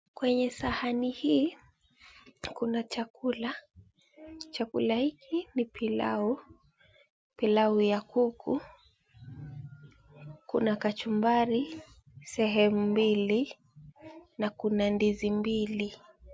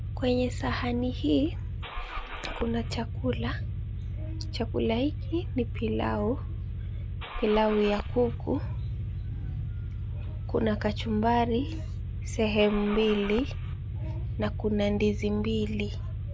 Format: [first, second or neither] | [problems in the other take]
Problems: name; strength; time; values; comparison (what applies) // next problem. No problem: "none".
first | background sound (Engine starting / Car); 4 dB below the speech